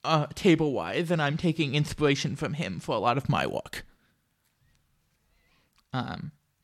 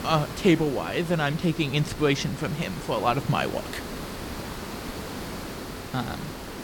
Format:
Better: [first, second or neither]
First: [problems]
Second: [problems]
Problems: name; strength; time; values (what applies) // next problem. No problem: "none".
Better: first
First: none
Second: hiss; noticeable; throughout; 10 dB below the speech